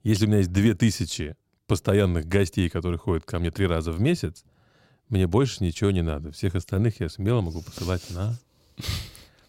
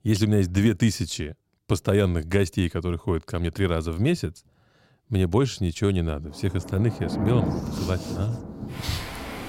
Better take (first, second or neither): first